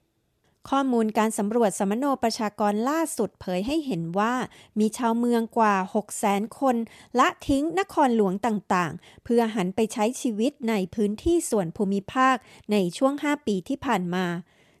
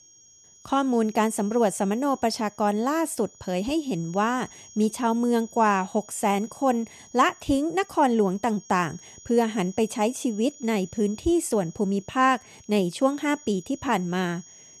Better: first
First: none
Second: high-pitched whine; faint; throughout; 6.5 kHz, 20 dB below the speech

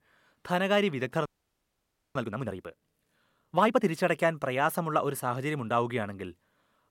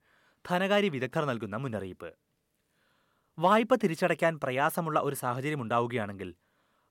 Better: second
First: audio freezing; at 1.5 s for 1 s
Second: none

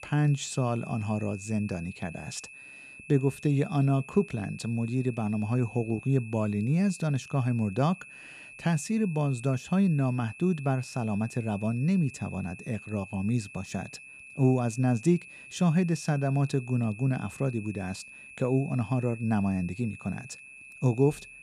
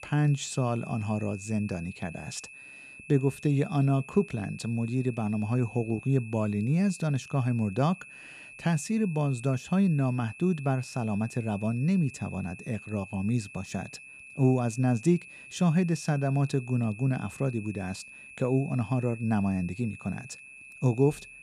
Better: neither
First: high-pitched whine; noticeable; throughout; 2.5 kHz, 15 dB below the speech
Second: high-pitched whine; noticeable; throughout; 2.5 kHz, 15 dB below the speech

